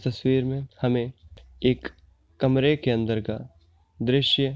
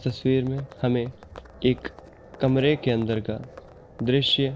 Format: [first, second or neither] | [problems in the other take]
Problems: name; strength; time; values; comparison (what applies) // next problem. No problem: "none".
first | background sound (Livestock, farm animals, working animals); 20 dB below the speech